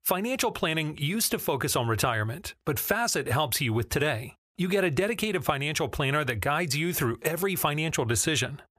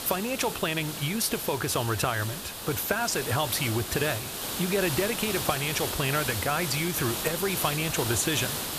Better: first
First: none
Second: hiss; loud; throughout; 4 dB below the speech

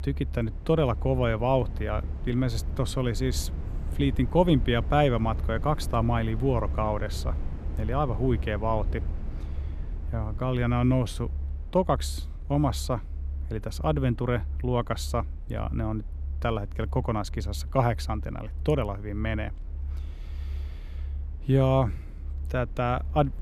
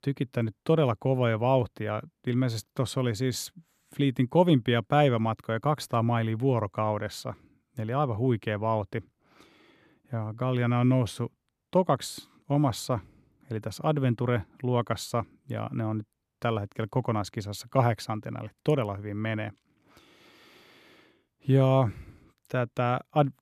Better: second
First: low rumble; faint; throughout; 20 dB below the speech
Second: none

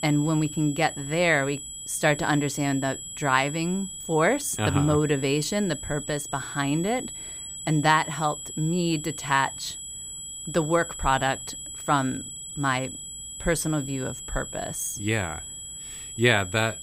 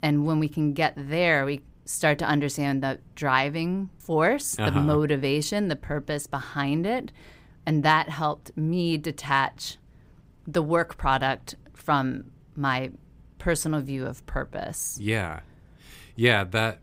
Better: second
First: high-pitched whine; loud; throughout; 8 kHz, 9 dB below the speech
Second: none

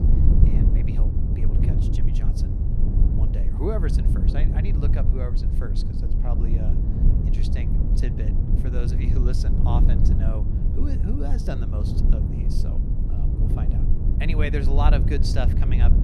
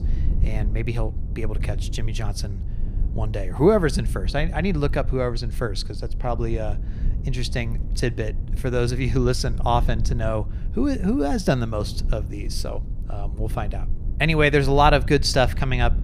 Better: second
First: low rumble; loud; throughout; 2 dB below the speech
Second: low rumble; faint; throughout; 20 dB below the speech

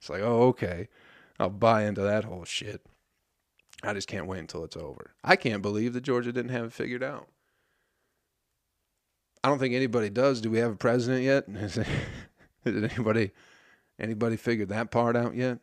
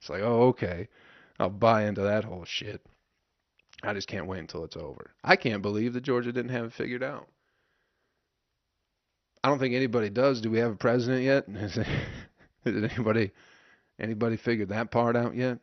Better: first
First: none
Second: garbled, watery; slightly; nothing above 6 kHz

